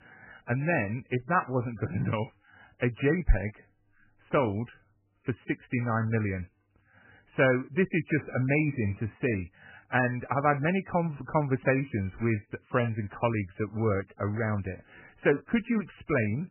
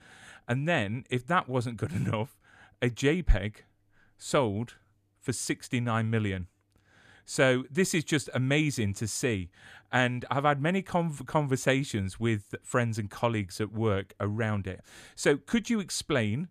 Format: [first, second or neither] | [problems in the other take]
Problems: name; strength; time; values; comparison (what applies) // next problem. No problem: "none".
second | garbled, watery; badly; nothing above 2.5 kHz